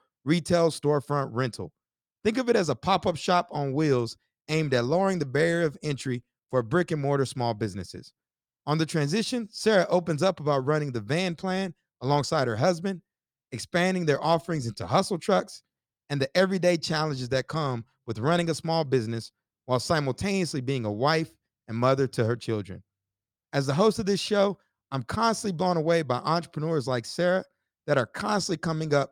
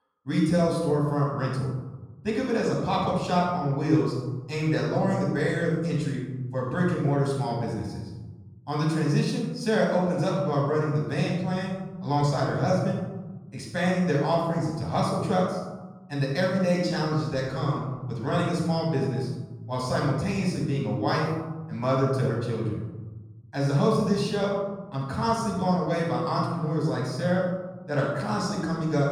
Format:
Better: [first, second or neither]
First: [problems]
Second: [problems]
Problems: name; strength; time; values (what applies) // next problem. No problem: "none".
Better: first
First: none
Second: room echo; noticeable; dies away in 1.4 s // off-mic speech; far